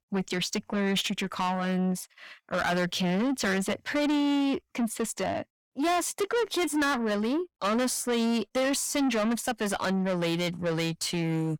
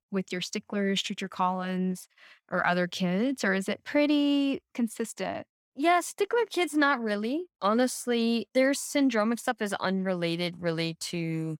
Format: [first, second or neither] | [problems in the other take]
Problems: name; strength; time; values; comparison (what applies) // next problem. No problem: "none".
second | distortion; heavy; 8 dB below the speech